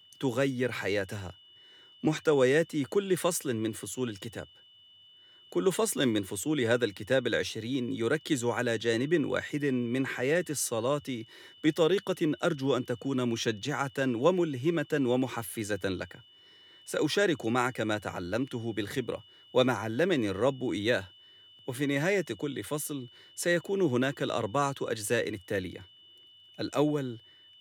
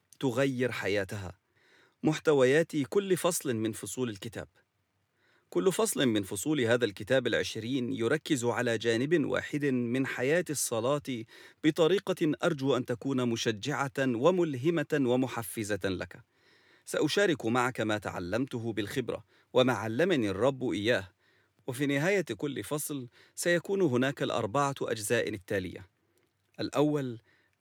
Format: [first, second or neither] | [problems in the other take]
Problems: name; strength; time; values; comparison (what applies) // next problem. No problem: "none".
second | high-pitched whine; faint; throughout; 3 kHz, 25 dB below the speech